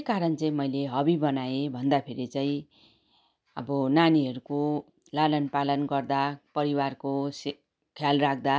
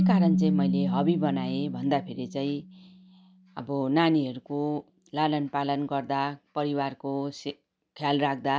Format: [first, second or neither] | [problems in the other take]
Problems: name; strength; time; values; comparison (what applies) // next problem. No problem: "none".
first | background sound (Keyboard (musical)); 3 dB below the speech